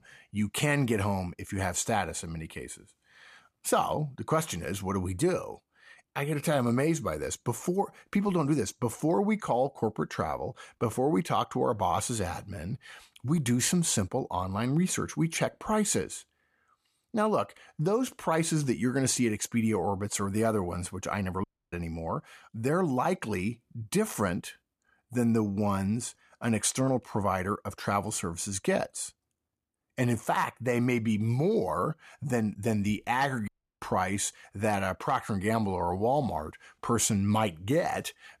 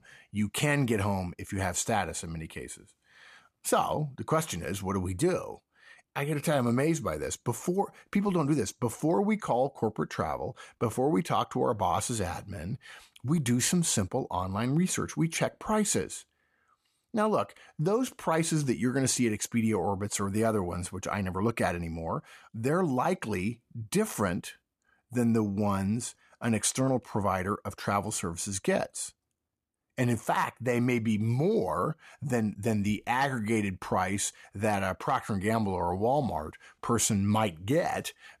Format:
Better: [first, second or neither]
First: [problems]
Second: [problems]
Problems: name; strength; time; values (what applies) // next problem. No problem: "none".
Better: second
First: audio cutting out; at 21 s and at 33 s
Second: none